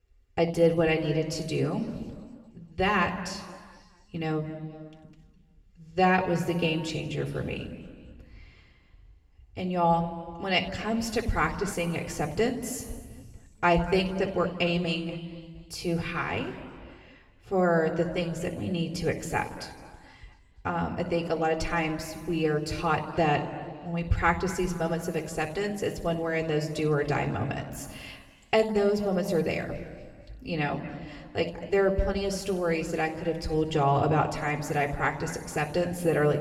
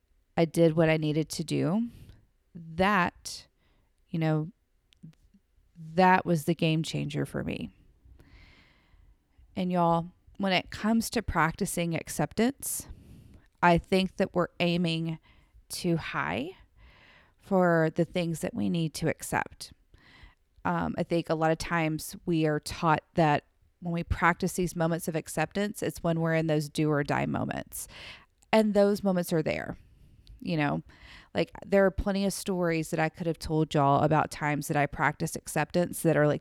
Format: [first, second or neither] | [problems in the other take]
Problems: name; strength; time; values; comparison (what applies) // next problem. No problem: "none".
second | room echo; slight; dies away in 1.8 s // off-mic speech; somewhat distant